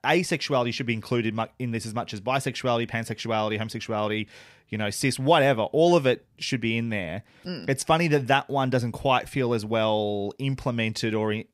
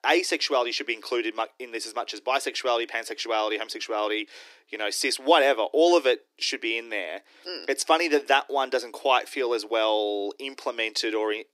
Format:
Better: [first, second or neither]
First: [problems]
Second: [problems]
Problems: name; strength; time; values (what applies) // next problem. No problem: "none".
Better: first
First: none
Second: thin; very; fading below 300 Hz